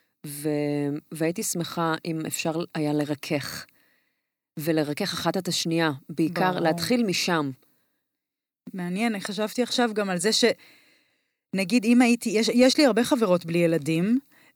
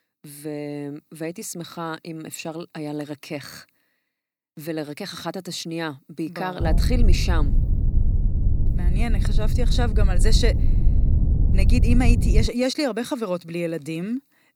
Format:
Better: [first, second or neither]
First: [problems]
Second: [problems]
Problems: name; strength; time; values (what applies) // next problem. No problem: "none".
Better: first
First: none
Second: low rumble; loud; from 6.5 to 12 s; 8 dB below the speech